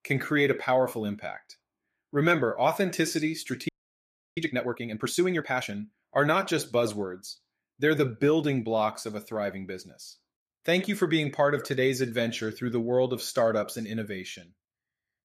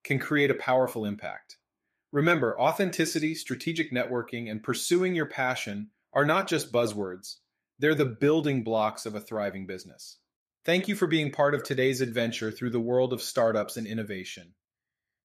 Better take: second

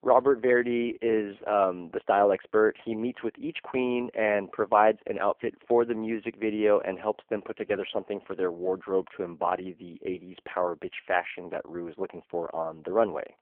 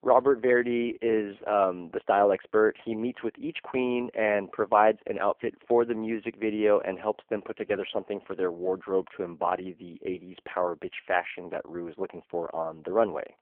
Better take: neither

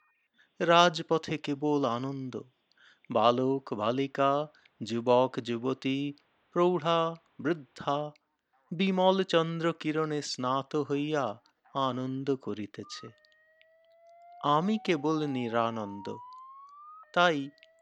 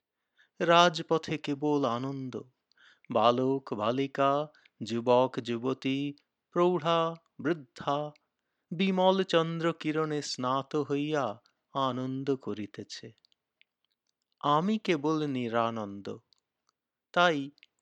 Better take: second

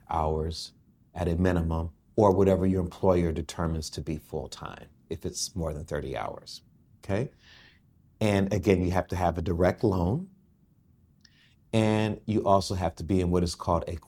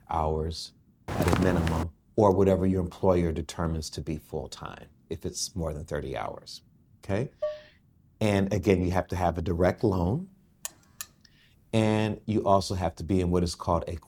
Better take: first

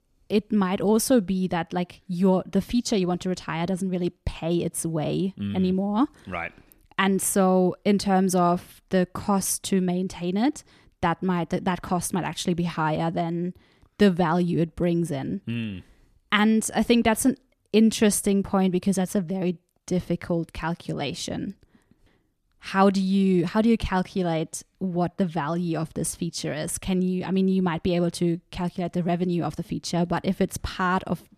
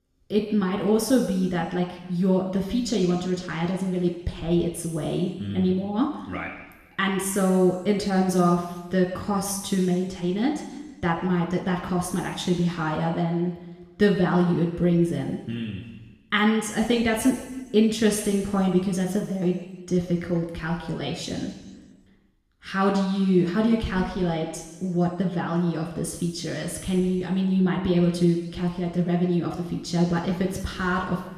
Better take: first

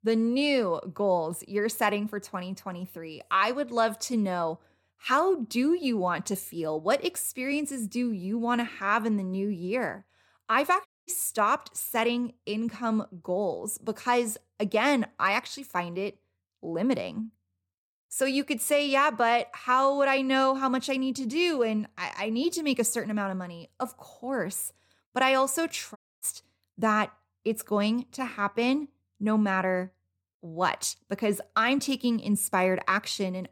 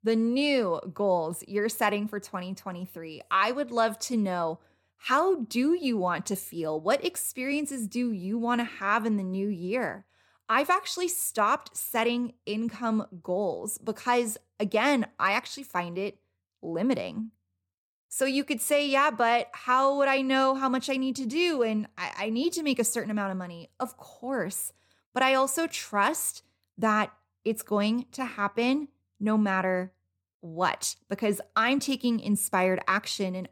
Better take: second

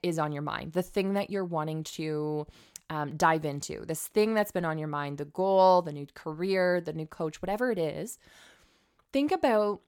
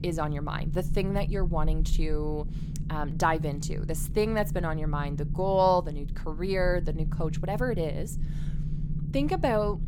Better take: first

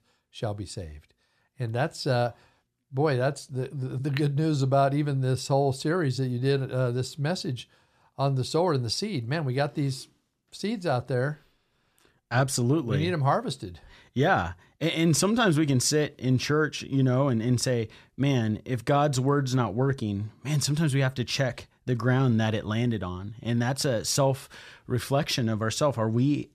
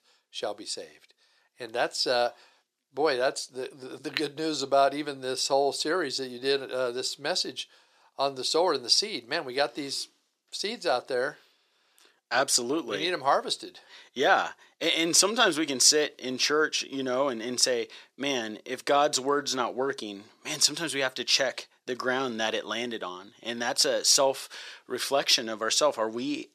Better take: first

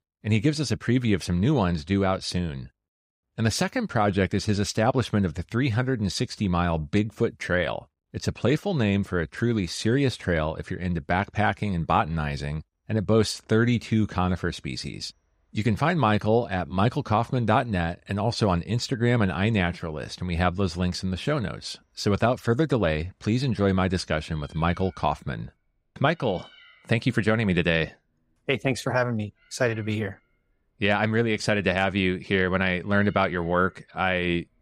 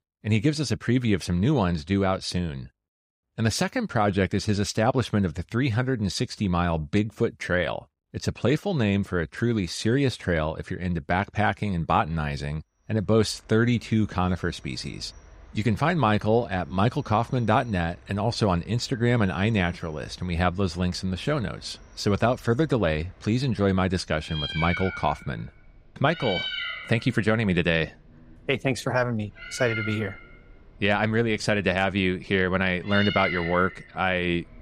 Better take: first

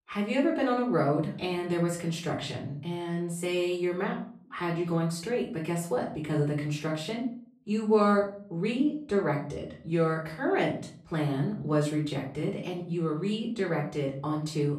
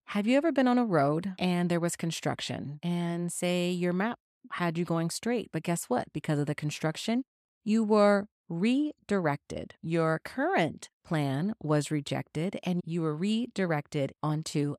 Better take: second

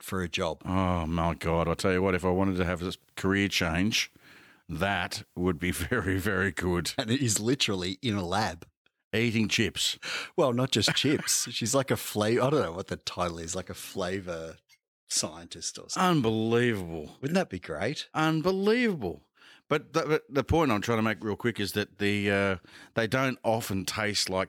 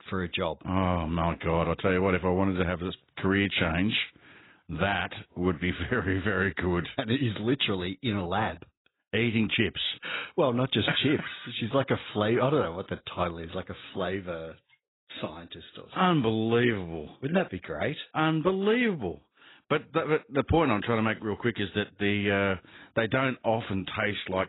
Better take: first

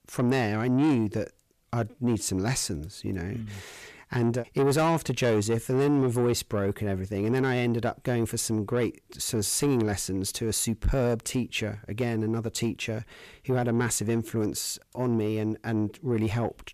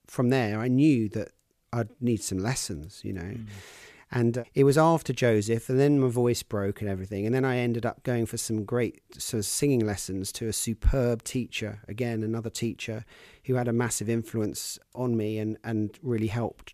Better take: second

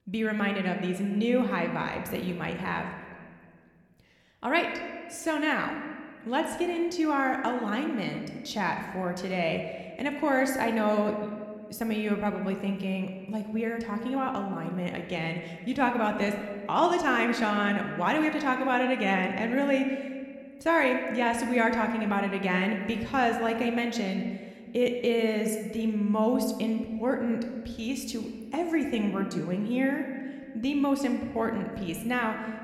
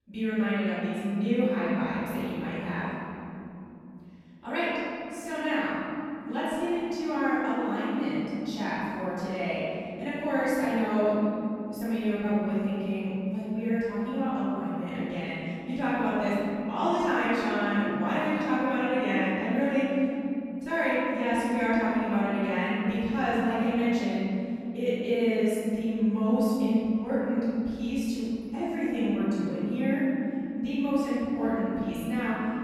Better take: first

